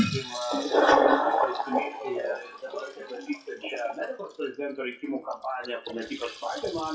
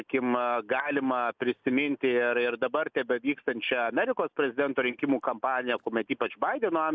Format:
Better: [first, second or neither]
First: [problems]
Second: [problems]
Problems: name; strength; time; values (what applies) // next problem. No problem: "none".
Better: second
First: noise reduction (classical method WPE with log-MMSE)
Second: none